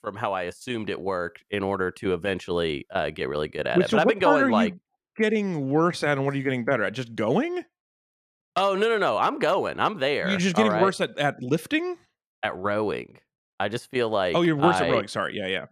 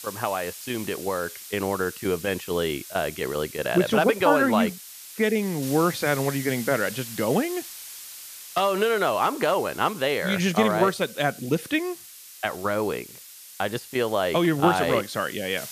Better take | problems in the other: first | hiss; noticeable; throughout; 15 dB below the speech

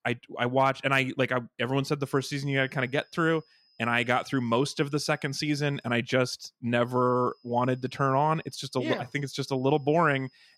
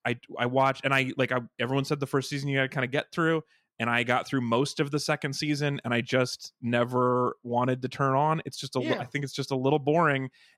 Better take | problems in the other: second | high-pitched whine; faint; from 2 to 6 s and from 7 s on; 5 kHz, 35 dB below the speech

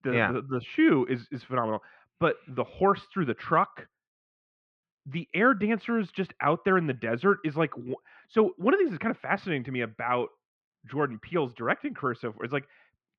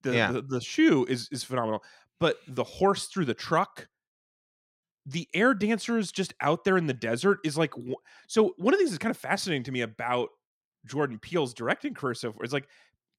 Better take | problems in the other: second | muffled; very; fading above 2.5 kHz

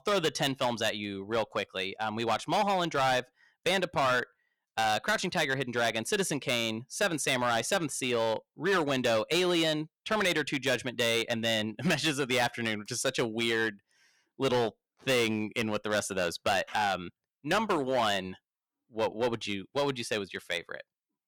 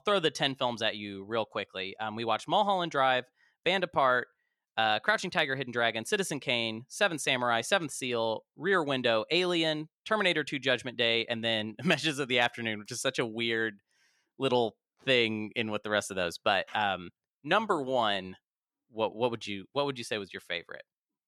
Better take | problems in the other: second | distortion; heavy; 8% of the sound clipped

